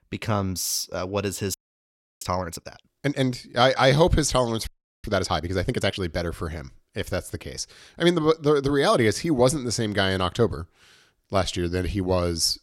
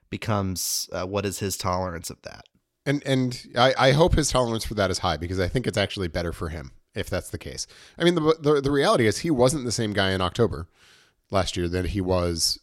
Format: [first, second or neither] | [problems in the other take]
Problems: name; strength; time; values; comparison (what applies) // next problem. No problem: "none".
second | audio freezing; at 1.5 s for 0.5 s and at 4.5 s